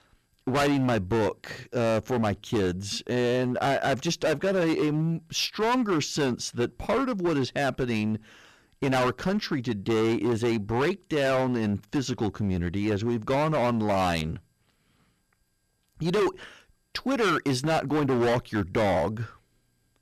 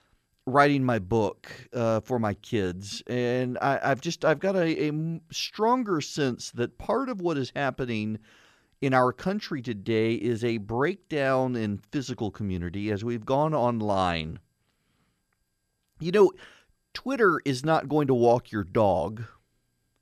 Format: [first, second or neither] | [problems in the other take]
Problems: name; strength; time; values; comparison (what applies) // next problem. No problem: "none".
second | distortion; heavy; 15% of the sound clipped